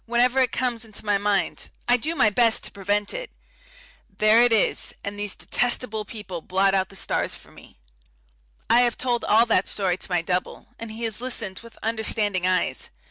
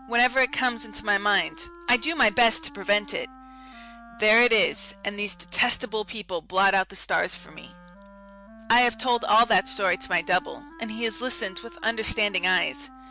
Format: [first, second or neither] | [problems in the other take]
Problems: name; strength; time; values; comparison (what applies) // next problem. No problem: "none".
first | background sound (Wind instrument, woodwind instrument); 20 dB below the speech